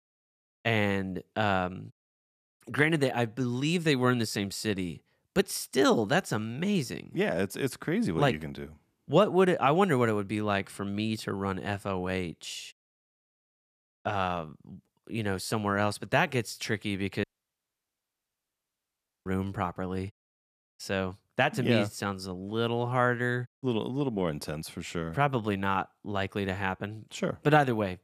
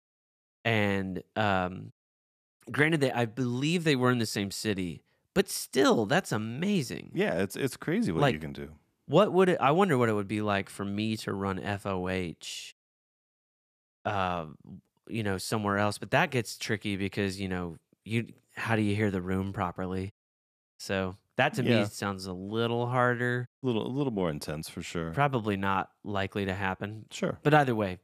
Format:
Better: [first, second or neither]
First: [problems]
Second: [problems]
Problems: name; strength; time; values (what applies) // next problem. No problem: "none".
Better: second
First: audio cutting out; at 17 s for 2 s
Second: none